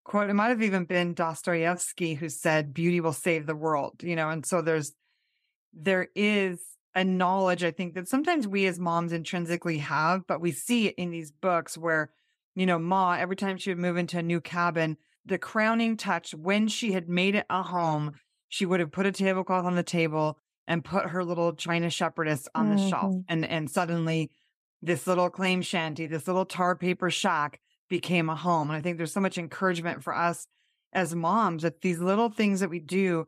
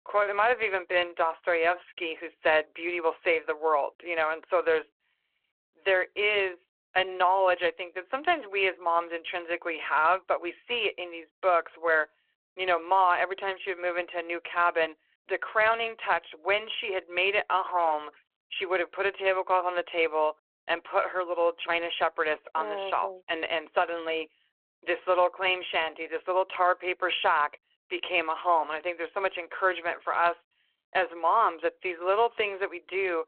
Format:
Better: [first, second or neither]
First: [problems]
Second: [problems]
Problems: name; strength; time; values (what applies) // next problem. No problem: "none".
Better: first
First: none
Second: phone-call audio